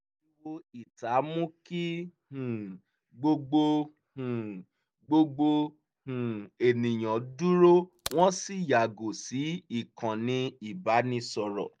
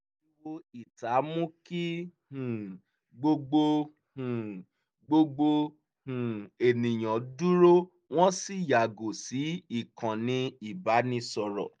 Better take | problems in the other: second | background sound (Crack); 13 dB below the speech

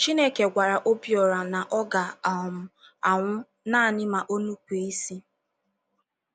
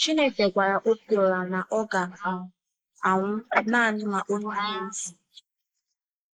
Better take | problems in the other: first | noise reduction (neural mask model Resemble Enhance denoiser)

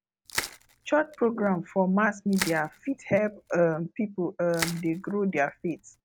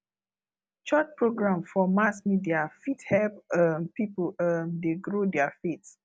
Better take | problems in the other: second | background sound (Crushing); 12 dB below the speech

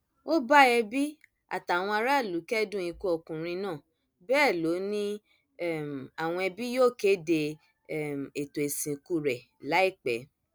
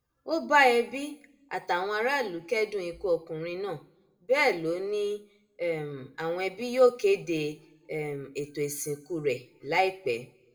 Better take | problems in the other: first | room echo; dies away in 0.4 s

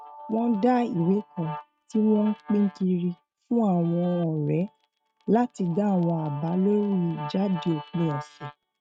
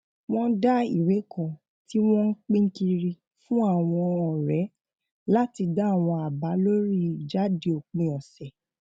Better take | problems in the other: second | noise reduction (neural mask model RNNoise)

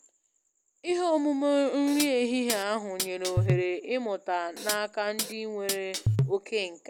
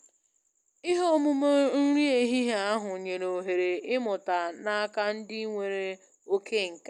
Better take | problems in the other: second | background sound (Hi-hat); 2 dB below the speech

